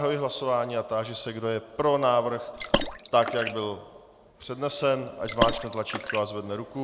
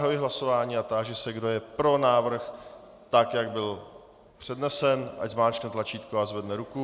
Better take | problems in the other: second | background sound (Water / Splash, splatter); 4 dB below the speech

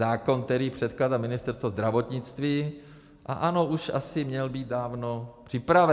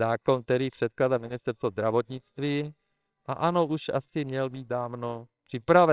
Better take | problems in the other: first | noise reduction (neural separator model SepFormer WHAMR!)

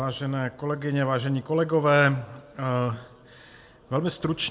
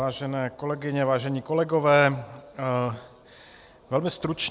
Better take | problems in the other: second | room echo; dies away in 0.4 s

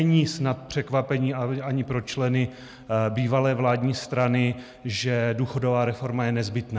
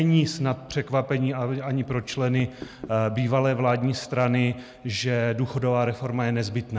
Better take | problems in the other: first | background sound (Knock); 16 dB below the speech

